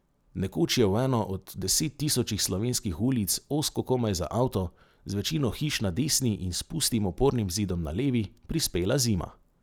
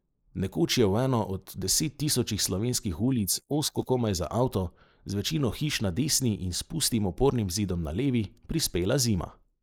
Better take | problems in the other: first | noise reduction (neural mask model Resemble Enhance denoiser)

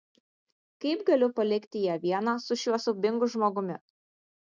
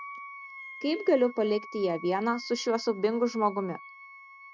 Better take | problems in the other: first | background sound (Wind instrument, woodwind instrument); 16 dB below the speech

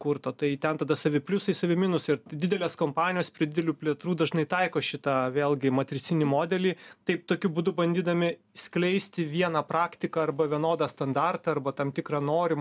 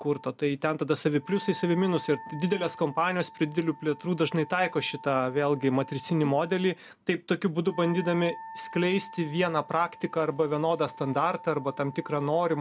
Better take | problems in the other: first | background sound (Wind instrument, woodwind instrument); 18 dB below the speech

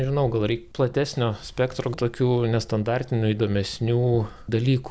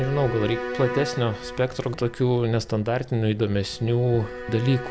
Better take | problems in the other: first | background sound (Bowed string instrument); 11 dB below the speech

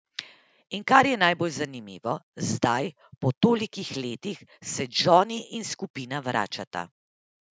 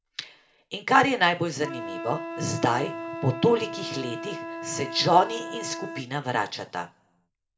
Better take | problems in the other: first | background sound (Wind instrument, woodwind instrument); 10 dB below the speech // room echo; dies away in 0.4 s

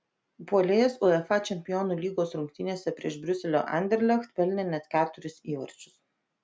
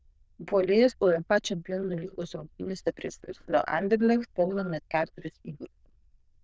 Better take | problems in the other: first | noise reduction (neural diffusion model UNIVERSE++)

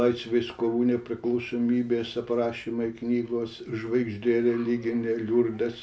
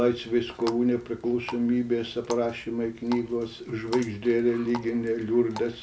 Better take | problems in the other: first | background sound (Water tap, faucet); 17 dB below the speech

